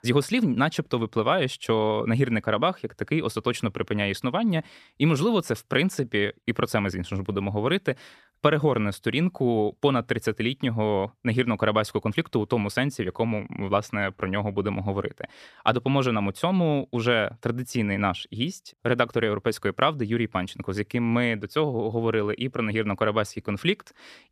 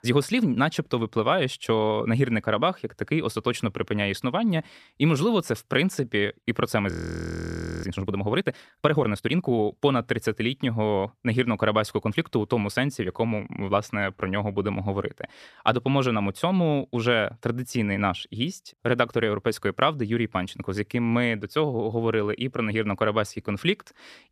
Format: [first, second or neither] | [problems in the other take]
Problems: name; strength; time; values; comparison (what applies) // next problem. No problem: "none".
first | audio freezing; at 7 s for 1 s